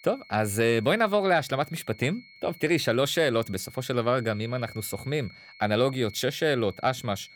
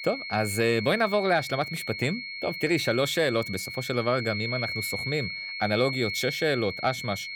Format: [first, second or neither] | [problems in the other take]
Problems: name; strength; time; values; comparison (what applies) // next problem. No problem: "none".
first | high-pitched whine; loud; throughout; 2 kHz, 5 dB below the speech; faint in the first